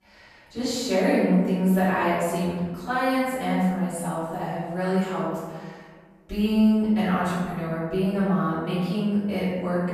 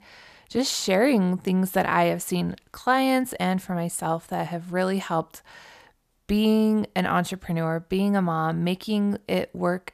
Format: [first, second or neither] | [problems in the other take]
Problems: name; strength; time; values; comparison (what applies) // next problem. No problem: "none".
second | off-mic speech; far // room echo; strong; dies away in 1.4 s